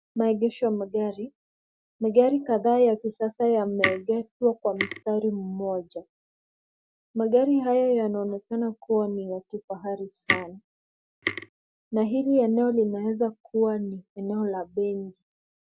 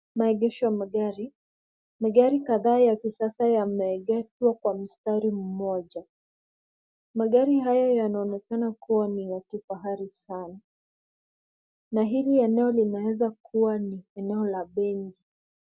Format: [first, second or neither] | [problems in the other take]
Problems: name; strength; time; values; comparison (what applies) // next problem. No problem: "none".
second | background sound (Tick); 7 dB below the speech